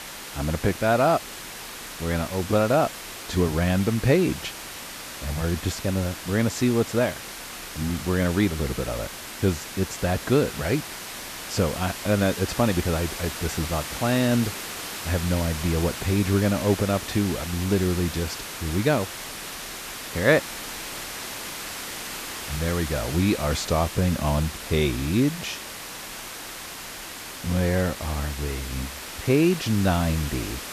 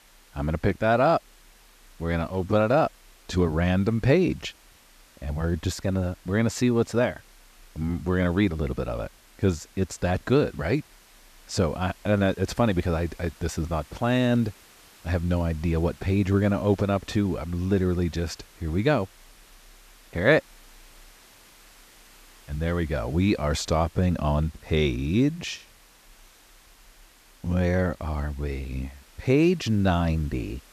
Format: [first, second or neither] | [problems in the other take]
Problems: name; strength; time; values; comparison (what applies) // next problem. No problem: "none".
second | hiss; loud; throughout; 9 dB below the speech; faint in the second